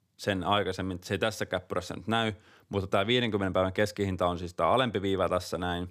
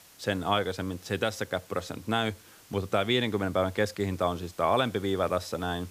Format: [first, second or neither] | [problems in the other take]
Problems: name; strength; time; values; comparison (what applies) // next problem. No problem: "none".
first | hiss; faint; throughout; 25 dB below the speech